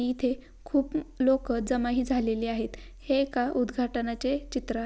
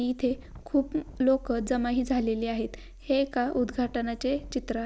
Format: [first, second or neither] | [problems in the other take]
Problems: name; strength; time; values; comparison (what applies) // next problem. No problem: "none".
first | background sound (Wind); 20 dB below the speech